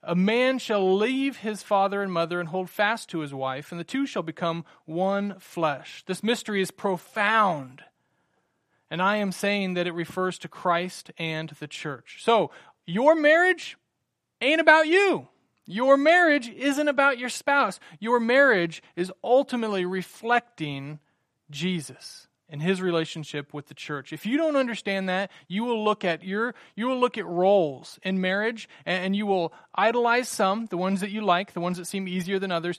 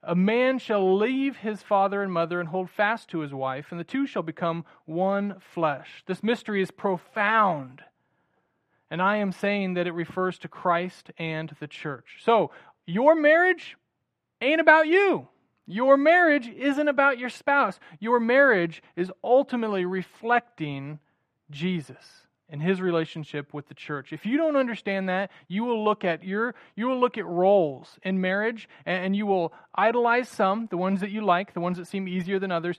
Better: first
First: none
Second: muffled; slightly; fading above 4 kHz

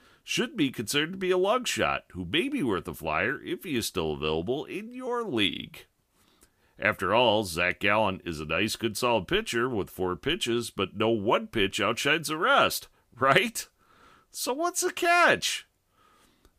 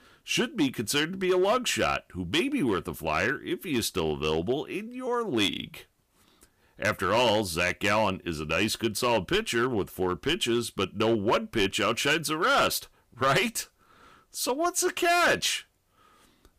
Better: first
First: none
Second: distortion; slight; 4% of the sound clipped

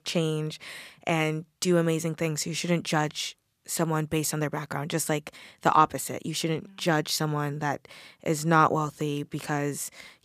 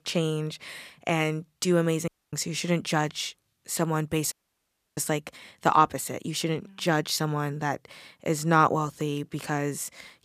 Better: first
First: none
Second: audio cutting out; at 2 s and at 4.5 s for 0.5 s

